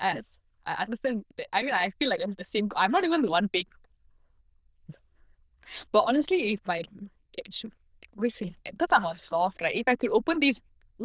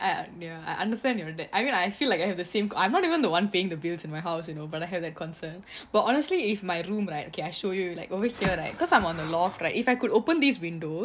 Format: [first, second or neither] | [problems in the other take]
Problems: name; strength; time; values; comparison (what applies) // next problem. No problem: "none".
second | noise reduction (neural diffusion model UNIVERSE++)